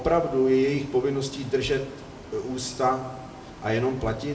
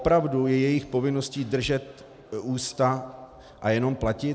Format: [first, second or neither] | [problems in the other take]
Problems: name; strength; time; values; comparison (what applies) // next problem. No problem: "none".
second | background sound (Bus); 18 dB below the speech // room echo; dies away in 0.7 s